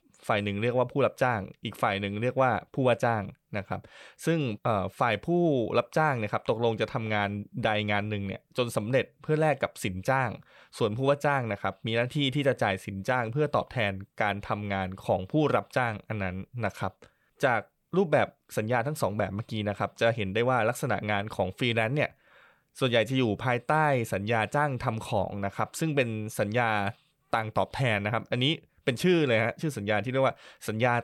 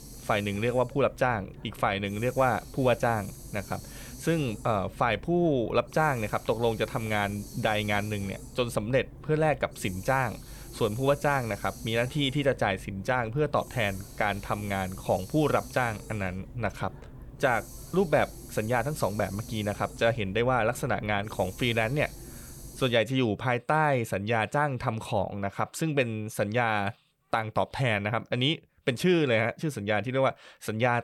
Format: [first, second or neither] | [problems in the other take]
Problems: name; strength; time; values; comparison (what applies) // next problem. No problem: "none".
first | hiss; noticeable; until 23 s; 15 dB below the speech